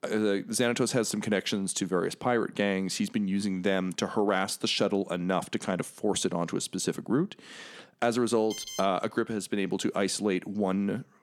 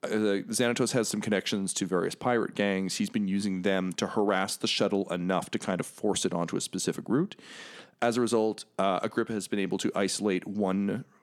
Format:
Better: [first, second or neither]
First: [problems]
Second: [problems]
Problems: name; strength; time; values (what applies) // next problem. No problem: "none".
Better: second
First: alarm; noticeable; at 8.5 s; peak 8 dB below the speech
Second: none